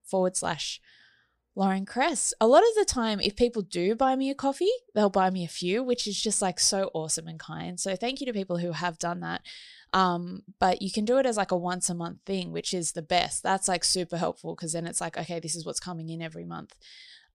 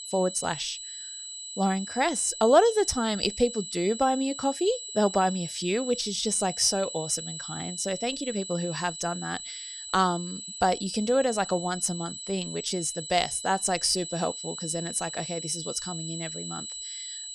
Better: first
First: none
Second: high-pitched whine; loud; throughout; 8 kHz, 9 dB below the speech

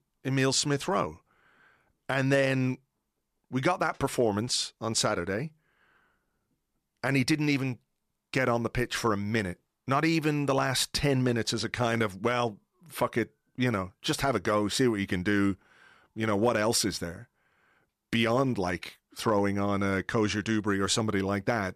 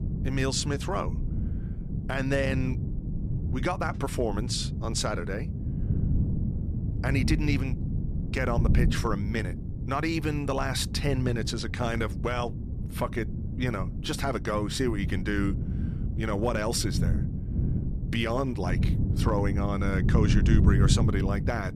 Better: first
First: none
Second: wind noise on the microphone; heavy; 10 dB below the speech

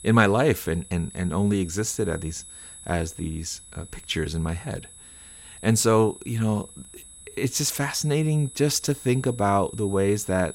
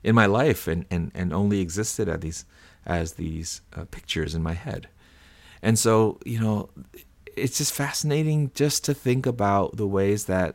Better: second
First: high-pitched whine; noticeable; throughout; 10.5 kHz, 15 dB below the speech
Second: none

